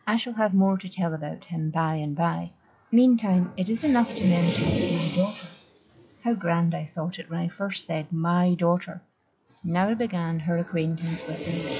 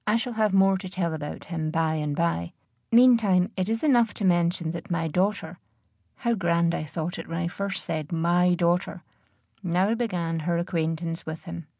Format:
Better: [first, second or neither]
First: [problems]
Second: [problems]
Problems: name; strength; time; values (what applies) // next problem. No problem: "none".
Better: second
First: noise reduction (classical method log-MMSE)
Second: none